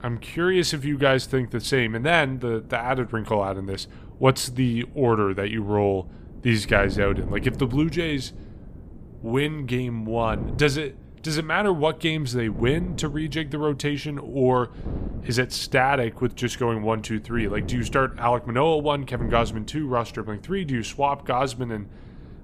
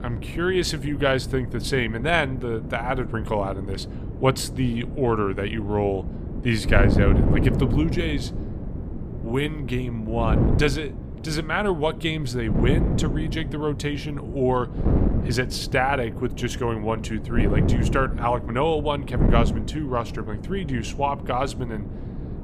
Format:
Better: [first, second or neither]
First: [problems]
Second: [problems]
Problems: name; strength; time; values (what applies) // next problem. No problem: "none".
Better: first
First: wind noise on the microphone; occasional gusts; 20 dB below the speech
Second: wind noise on the microphone; heavy; 9 dB below the speech